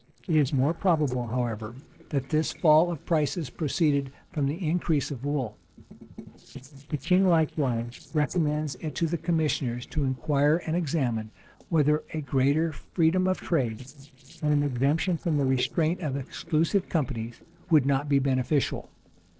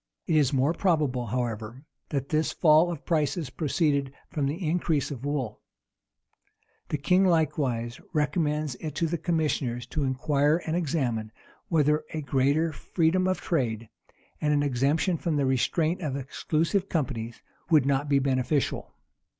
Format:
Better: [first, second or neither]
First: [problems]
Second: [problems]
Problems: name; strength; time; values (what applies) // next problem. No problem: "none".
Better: second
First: noise reduction (neural separator model SepFormer DNS4)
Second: none